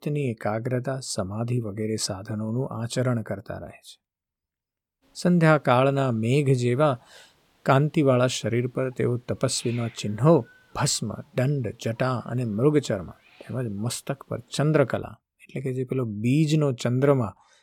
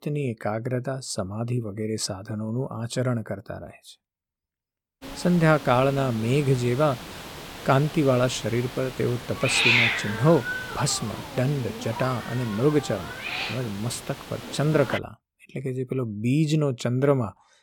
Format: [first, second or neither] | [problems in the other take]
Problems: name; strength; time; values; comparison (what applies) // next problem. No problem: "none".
first | hiss; loud; from 5 to 15 s; 4 dB below the speech; faint in the first